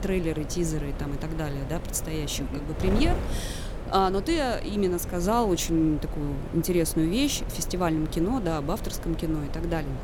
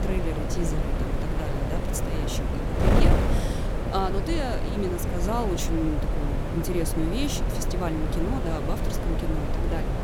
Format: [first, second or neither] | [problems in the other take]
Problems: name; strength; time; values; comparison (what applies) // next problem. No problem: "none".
first | wind noise on the microphone; heavy; as loud as the speech; occasional gusts in the first